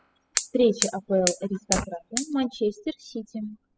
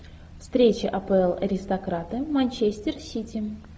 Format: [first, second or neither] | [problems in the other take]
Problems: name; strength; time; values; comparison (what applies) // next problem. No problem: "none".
second | noise reduction (classical method spectral subtraction)